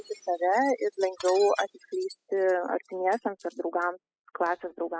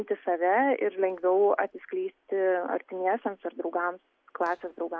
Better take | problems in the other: second | noise reduction (classical method spectral subtraction)

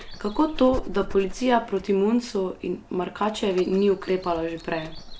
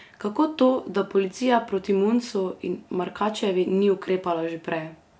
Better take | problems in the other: second | background sound (Dog); 13 dB below the speech

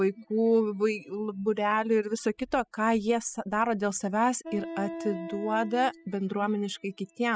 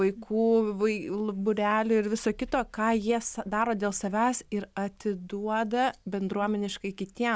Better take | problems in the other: second | noise reduction (classical method spectral subtraction)

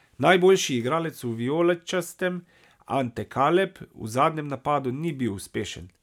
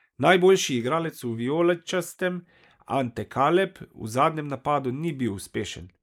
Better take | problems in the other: first | noise reduction (neural mask model Resemble Enhance denoiser)

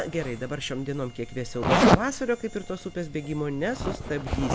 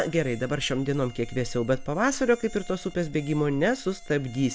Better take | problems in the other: second | background sound (Zipper (clothing)); 2 dB above the speech

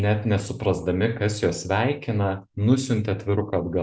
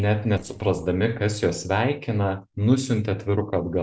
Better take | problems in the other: first | noise reduction (neural separator model SepFormer DNS4)

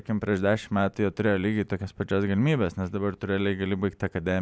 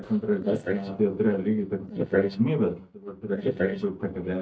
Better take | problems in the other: first | noise reduction (neural mask model DeepFilterNet 3)

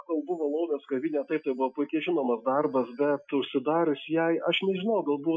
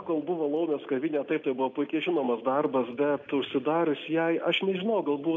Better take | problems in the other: second | noise reduction (classical method Wiener filter)

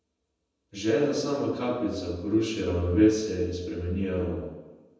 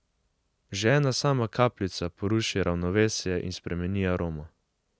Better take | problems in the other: second | room echo; dies away in 1.1 s

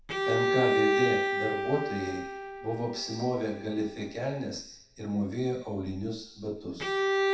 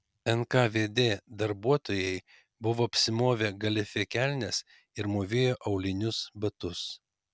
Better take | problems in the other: second | background sound (Bowed string instrument); 1 dB above the speech // room echo; dies away in 0.7 s

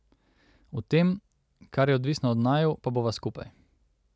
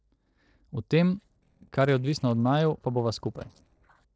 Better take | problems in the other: first | noise reduction (neural separator model SepFormer DNS4)

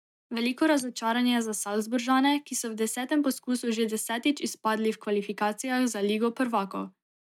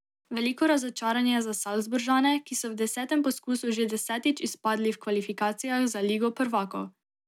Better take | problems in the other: second | noise reduction (neural mask model DeepFilterNet 3)

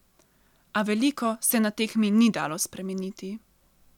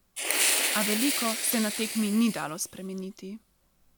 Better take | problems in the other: first | background sound (Fire); as loud as the speech

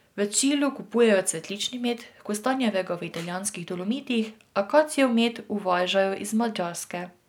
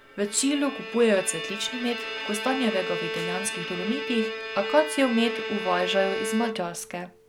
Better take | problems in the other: first | background sound (Bowed string instrument); 6 dB below the speech

